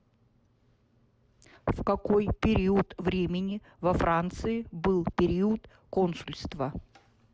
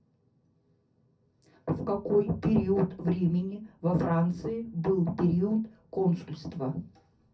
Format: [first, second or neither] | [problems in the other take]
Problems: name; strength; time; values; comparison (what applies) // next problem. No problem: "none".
first | room echo; dies away in 0.3 s